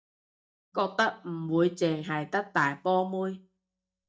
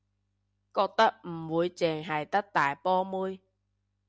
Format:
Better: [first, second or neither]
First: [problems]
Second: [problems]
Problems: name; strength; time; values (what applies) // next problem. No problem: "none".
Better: second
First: noise reduction (neural mask model DeepFilterNet 3)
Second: none